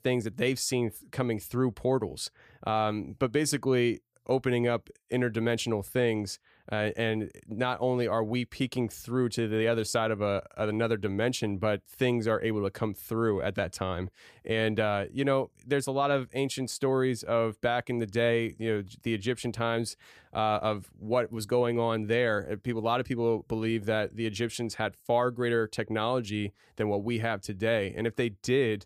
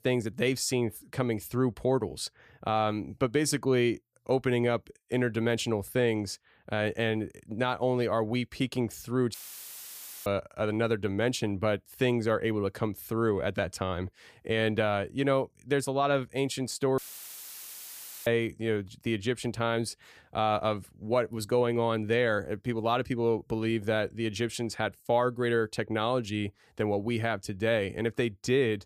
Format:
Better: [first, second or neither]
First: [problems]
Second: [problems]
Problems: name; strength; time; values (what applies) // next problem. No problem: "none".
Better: first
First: none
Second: audio cutting out; filled with static; at 9.5 s for 1 s and at 17 s for 1.5 s